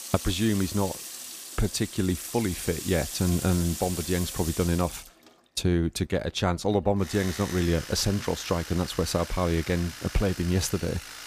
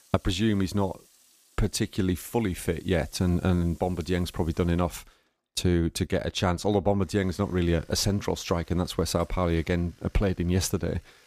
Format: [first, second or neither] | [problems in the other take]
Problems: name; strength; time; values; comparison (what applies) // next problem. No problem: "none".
second | household noises; loud; throughout; 9 dB below the speech; faint in the second